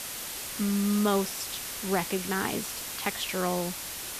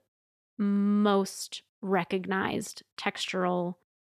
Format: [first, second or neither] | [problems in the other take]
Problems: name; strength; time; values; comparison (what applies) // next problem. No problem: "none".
second | hiss; loud; throughout; 4 dB below the speech